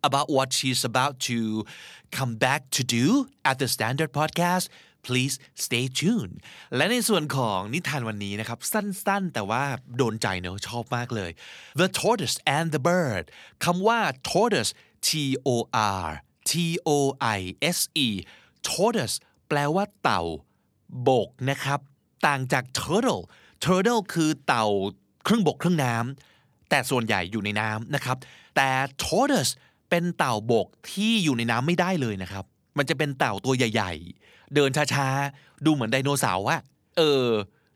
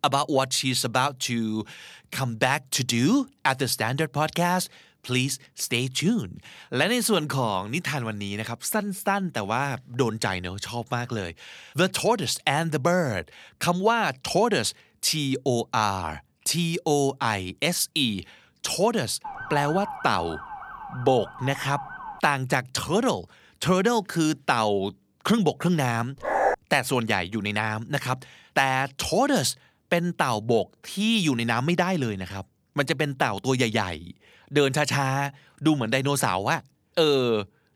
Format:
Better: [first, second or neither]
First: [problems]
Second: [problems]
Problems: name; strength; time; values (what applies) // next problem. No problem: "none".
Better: first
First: none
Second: siren; noticeable; from 19 to 22 s; peak 8 dB below the speech // dog barking; loud; at 26 s; peak 1 dB above the speech